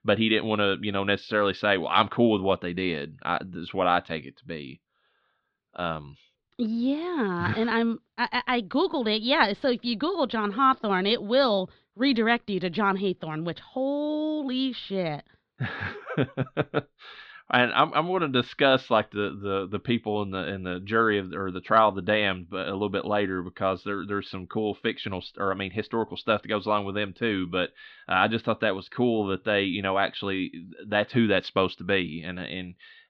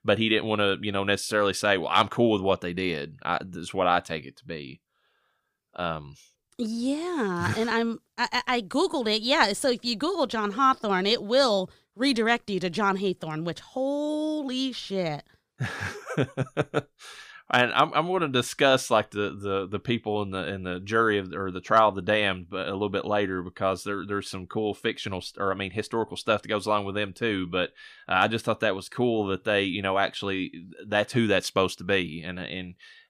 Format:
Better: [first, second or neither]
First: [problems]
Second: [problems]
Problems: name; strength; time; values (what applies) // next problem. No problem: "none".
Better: second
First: muffled; very slightly; fading above 4 kHz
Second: none